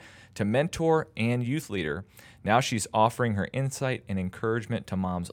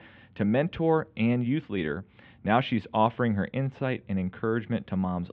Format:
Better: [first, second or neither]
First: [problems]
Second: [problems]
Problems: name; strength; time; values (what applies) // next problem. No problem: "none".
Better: first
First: none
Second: muffled; very; fading above 3.5 kHz